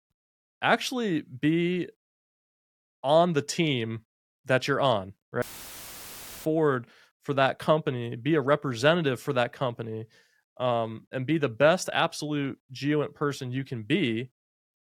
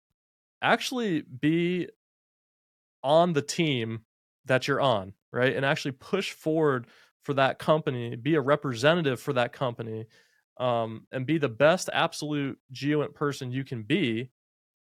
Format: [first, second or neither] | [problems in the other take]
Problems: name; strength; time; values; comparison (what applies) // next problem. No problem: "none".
second | audio cutting out; filled with static; at 5.5 s for 1 s